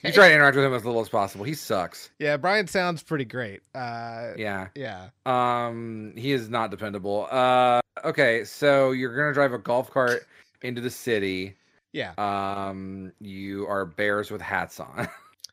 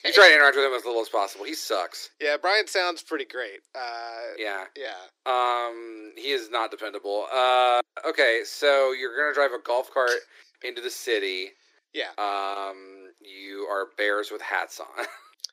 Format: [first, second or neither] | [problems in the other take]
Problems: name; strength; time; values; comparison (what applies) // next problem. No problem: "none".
first | thin; very; fading below 300 Hz